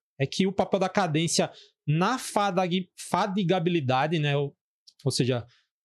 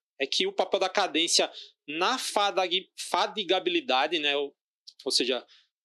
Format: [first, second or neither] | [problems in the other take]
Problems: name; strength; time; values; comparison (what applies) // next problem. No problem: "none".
first | thin; somewhat; fading below 250 Hz